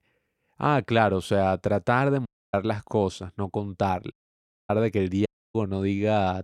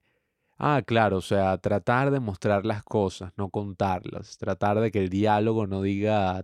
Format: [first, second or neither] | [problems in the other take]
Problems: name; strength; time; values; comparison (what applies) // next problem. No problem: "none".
second | audio cutting out; at 2.5 s, at 4 s for 0.5 s and at 5.5 s